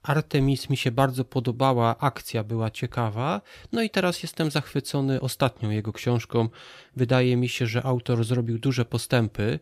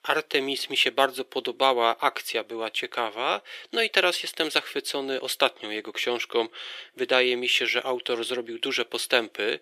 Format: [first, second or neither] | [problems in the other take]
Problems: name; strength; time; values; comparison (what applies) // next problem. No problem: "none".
first | thin; very; fading below 400 Hz